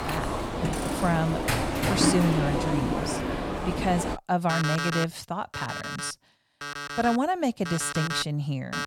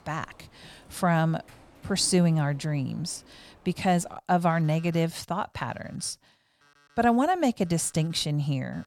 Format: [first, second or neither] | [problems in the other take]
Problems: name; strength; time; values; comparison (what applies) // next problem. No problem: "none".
second | alarms or sirens; loud; throughout; 1 dB below the speech; faint in the second